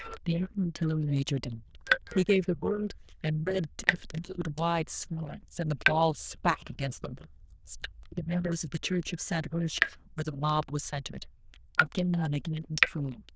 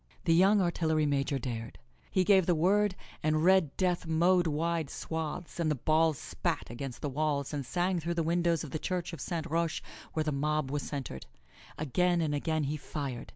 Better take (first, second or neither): second